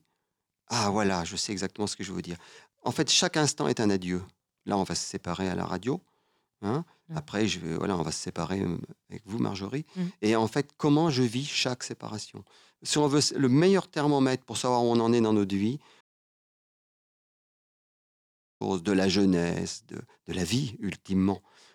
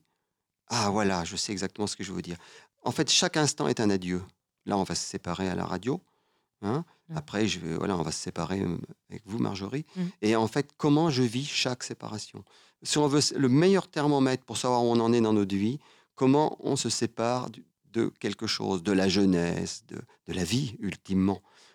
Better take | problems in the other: second | audio cutting out; at 16 s for 2.5 s

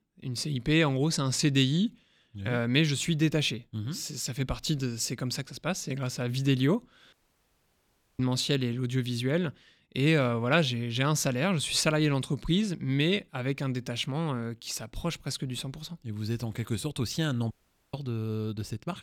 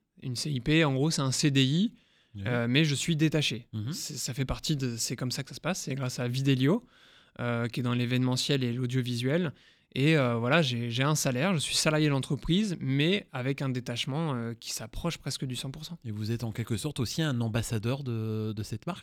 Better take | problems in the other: second | audio cutting out; at 7 s for 1 s and at 18 s

